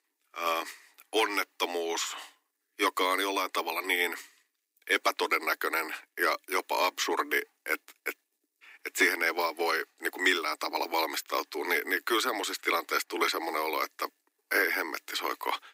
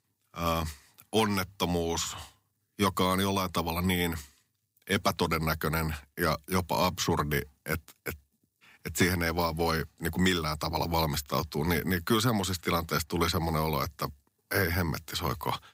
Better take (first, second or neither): second